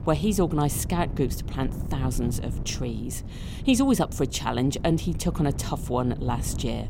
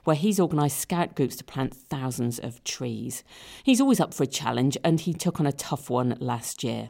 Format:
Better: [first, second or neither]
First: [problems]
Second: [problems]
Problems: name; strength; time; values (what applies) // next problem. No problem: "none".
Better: second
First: wind noise on the microphone; occasional gusts; 15 dB below the speech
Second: none